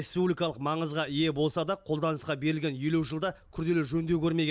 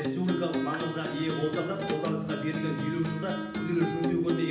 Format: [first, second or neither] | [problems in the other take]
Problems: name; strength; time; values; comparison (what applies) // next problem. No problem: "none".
first | background sound (Acoustic guitar); 3 dB below the speech // room echo; dies away in 0.8 s